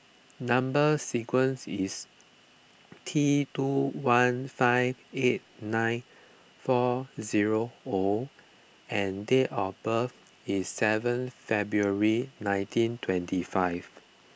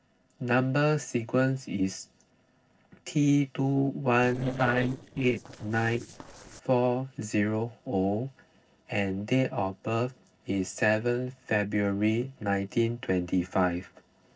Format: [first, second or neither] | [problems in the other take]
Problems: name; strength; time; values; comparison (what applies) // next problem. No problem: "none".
first | noise reduction (neural separator model SepFormer DNS4)